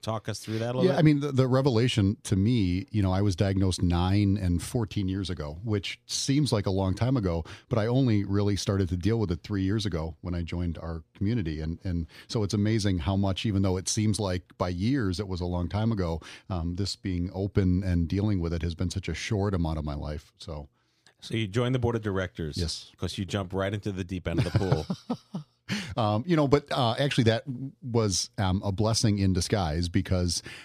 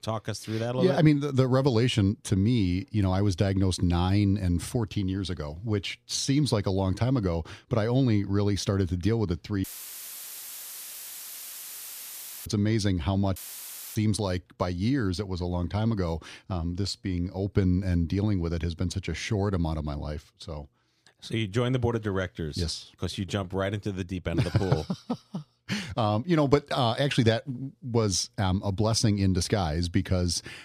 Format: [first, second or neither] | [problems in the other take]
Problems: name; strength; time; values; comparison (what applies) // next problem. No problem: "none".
first | audio cutting out; filled with static; at 9.5 s for 3 s and at 13 s for 0.5 s